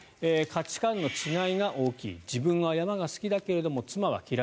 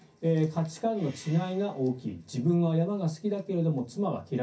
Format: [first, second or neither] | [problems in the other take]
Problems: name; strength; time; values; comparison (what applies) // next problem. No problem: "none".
first | room echo; dies away in 0.3 s